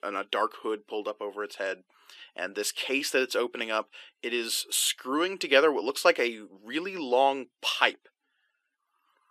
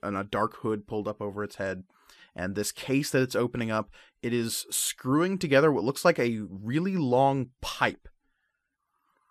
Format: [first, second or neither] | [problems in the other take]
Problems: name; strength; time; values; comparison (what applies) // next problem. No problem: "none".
second | thin; somewhat; fading below 350 Hz